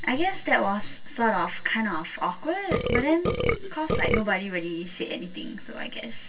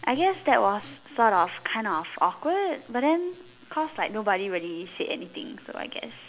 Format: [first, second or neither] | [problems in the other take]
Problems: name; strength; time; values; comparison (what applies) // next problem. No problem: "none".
second | background sound (Burping, eructation); 1 dB above the speech // room echo; dies away in 0.1 s